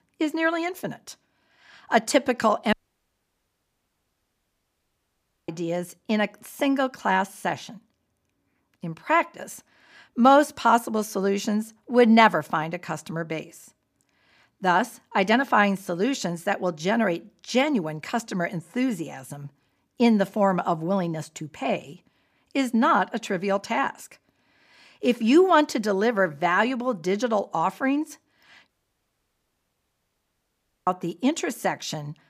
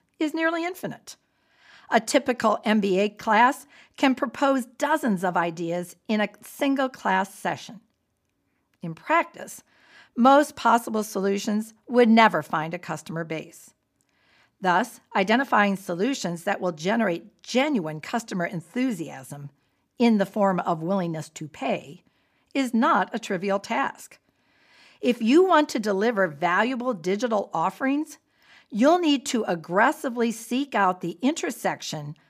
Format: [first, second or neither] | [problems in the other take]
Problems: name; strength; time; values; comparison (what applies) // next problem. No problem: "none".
second | audio cutting out; at 2.5 s for 3 s and at 29 s for 2 s